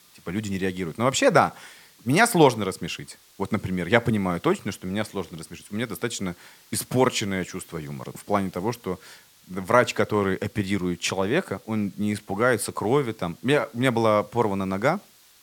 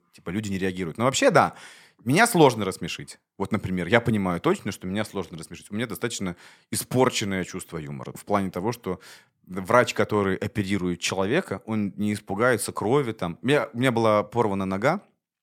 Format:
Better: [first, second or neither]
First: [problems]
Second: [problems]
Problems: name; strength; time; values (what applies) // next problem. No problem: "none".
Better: second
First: hiss; faint; throughout; 30 dB below the speech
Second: none